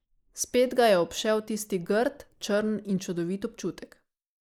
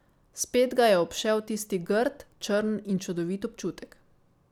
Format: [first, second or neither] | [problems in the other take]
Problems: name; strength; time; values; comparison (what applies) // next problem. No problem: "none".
second | noise reduction (neural mask model Resemble Enhance denoiser)